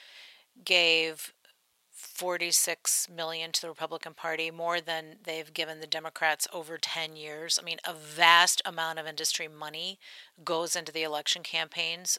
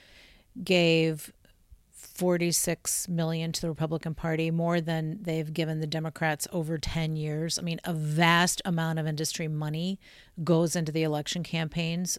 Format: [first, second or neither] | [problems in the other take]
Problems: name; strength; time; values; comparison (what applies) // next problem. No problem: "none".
second | thin; very; fading below 700 Hz